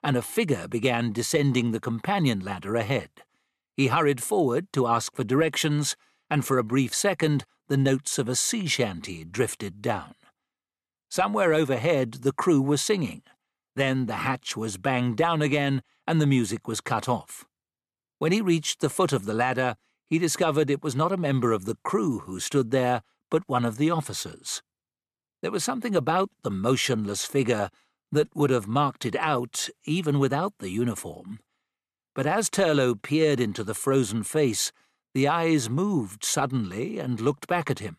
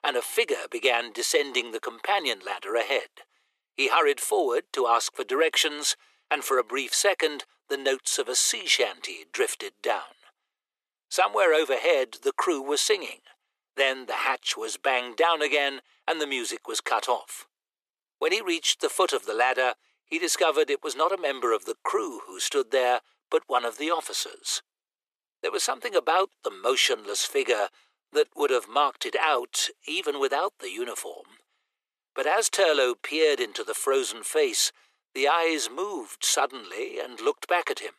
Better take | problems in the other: first | thin; very; fading below 400 Hz

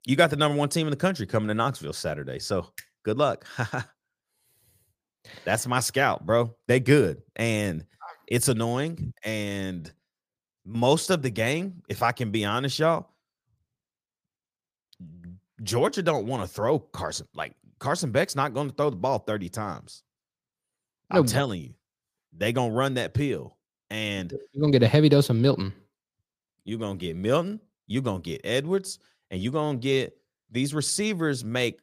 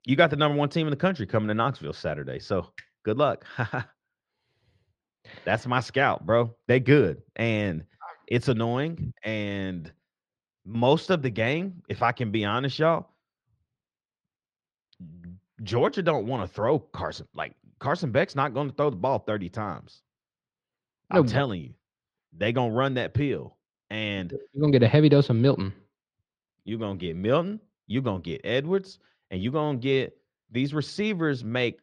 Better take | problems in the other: first | muffled; slightly; fading above 3.5 kHz

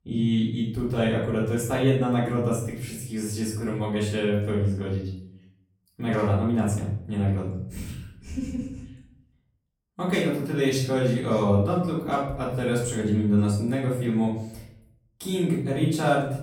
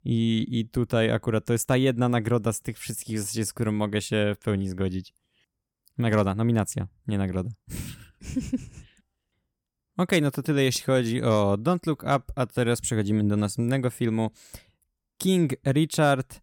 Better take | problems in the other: second | off-mic speech; far // room echo; noticeable; dies away in 0.6 s

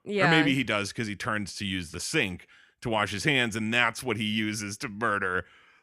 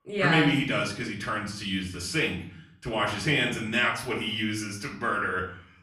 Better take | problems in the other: first | off-mic speech; far // room echo; slight; dies away in 0.6 s

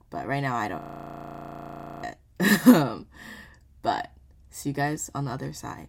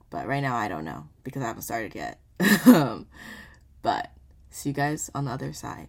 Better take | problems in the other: second | audio freezing; at 1 s for 1 s

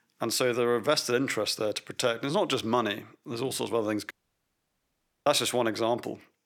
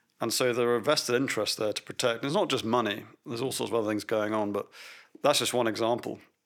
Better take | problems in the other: second | audio cutting out; at 4 s for 1 s

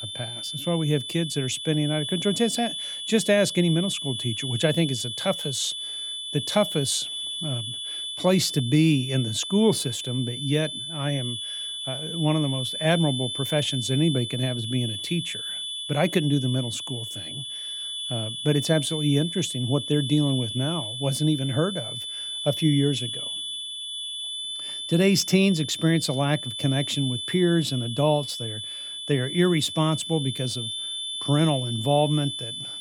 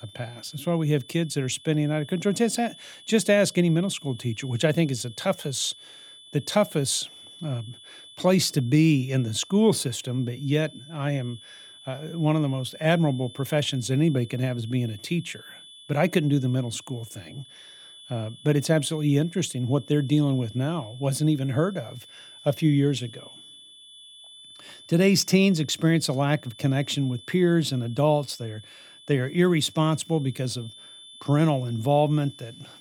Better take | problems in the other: second | high-pitched whine; loud; throughout; 3.5 kHz, 5 dB below the speech; faint in the second

